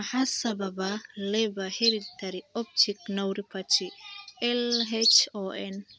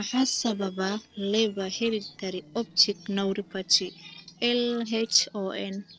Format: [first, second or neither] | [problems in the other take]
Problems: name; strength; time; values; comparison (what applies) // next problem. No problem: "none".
first | noise reduction (neural separator model SepFormer DNS4)